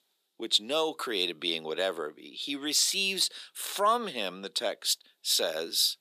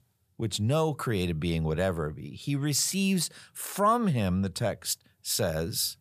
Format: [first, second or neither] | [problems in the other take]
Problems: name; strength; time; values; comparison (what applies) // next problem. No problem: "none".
second | thin; somewhat; fading below 300 Hz